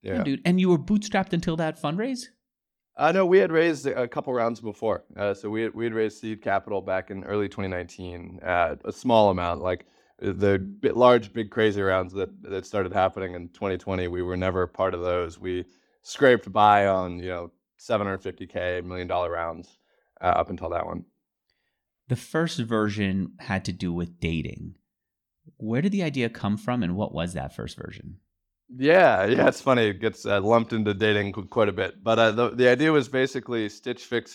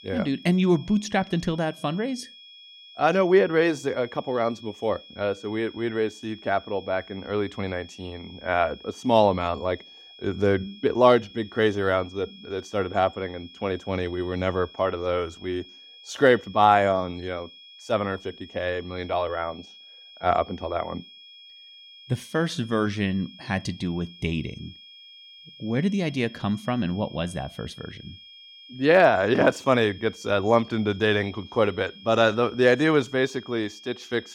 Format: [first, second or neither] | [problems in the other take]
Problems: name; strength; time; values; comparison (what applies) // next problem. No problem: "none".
first | high-pitched whine; faint; throughout; 3.5 kHz, 20 dB below the speech